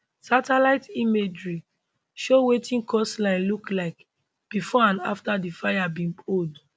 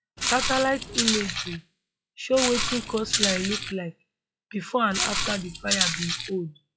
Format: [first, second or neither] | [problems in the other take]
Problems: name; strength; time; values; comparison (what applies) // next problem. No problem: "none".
first | noise reduction (classical method log-MMSE)